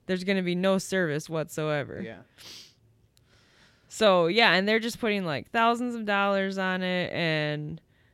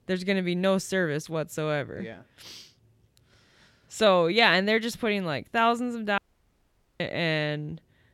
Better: first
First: none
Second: audio cutting out; at 6 s for 1 s

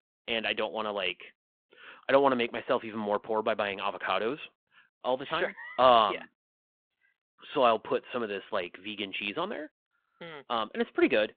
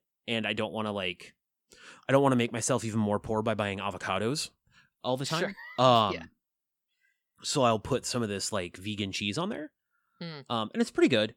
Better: second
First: phone-call audio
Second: none

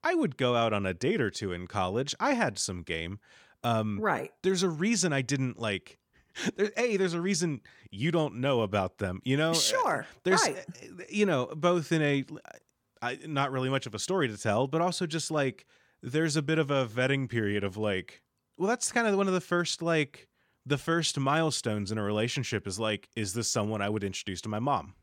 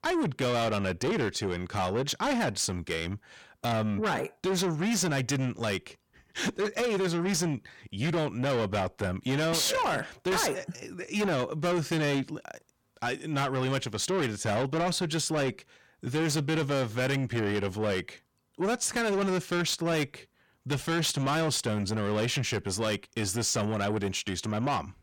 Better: first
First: none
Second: distortion; heavy; 7 dB below the speech

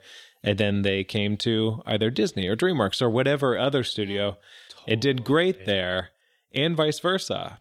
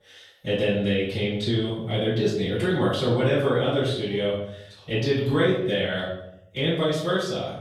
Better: first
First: none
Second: off-mic speech; far // room echo; noticeable; dies away in 0.8 s

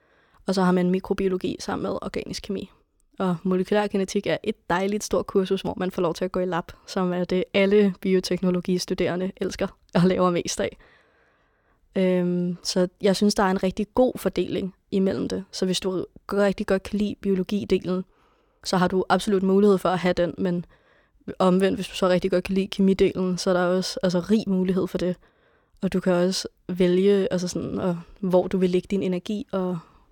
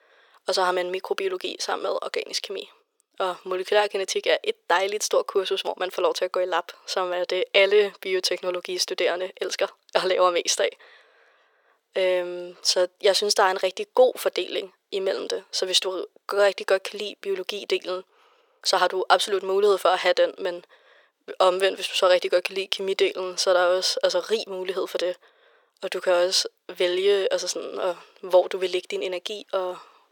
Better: first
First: none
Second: thin; very; fading below 450 Hz

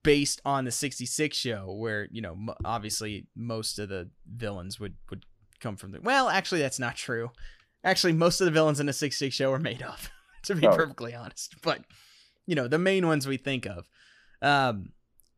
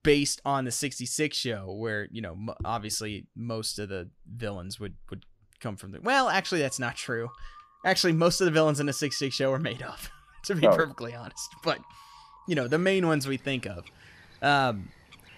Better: first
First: none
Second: animal sounds; faint; from 6 s on; 25 dB below the speech

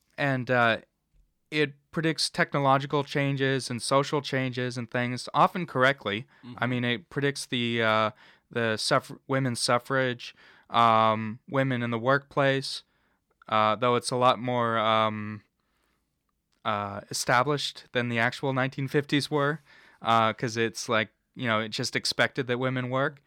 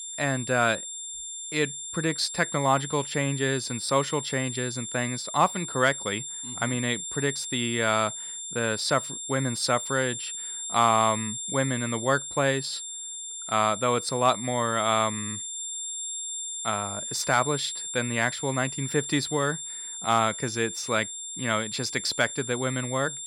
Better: first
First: none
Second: high-pitched whine; loud; throughout; 7.5 kHz, 6 dB below the speech

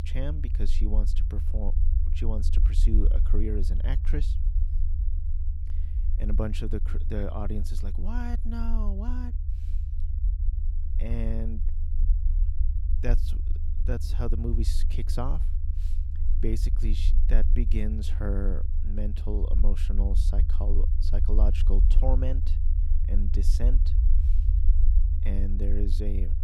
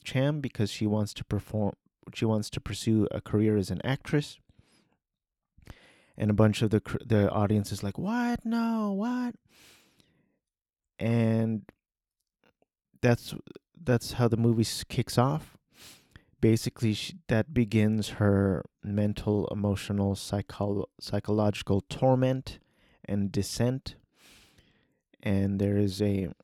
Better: second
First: low rumble; loud; throughout; 9 dB below the speech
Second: none

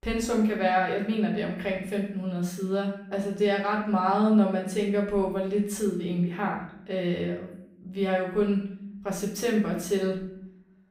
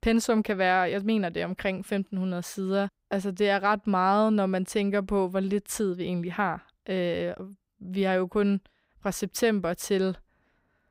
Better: second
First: room echo; noticeable; dies away in 0.6 s // off-mic speech; far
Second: none

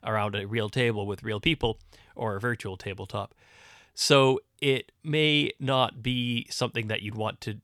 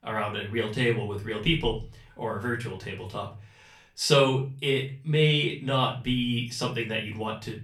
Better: first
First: none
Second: room echo; slight; dies away in 0.3 s // off-mic speech; far

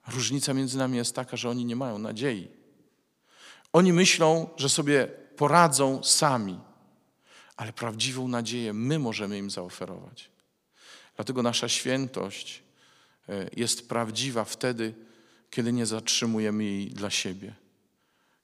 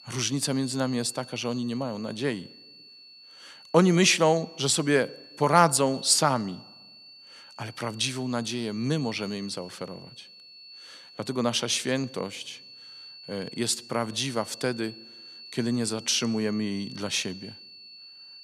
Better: first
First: none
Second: high-pitched whine; noticeable; throughout; 4.5 kHz, 20 dB below the speech

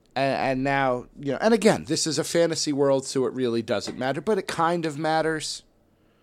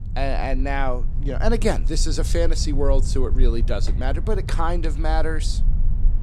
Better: first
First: none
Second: low rumble; noticeable; throughout; 15 dB below the speech

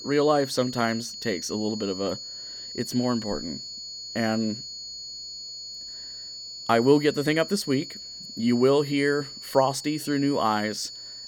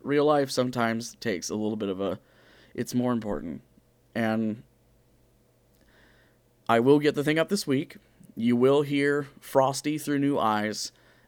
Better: second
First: high-pitched whine; noticeable; throughout; 4.5 kHz, 10 dB below the speech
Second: none

